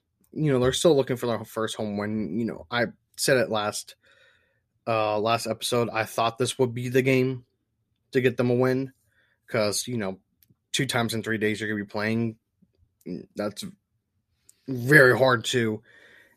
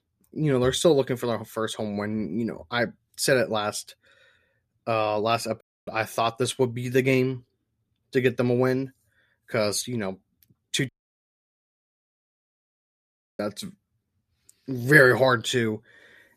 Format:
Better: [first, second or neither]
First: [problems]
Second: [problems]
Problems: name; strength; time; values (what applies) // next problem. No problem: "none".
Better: first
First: none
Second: audio cutting out; at 5.5 s and at 11 s for 2.5 s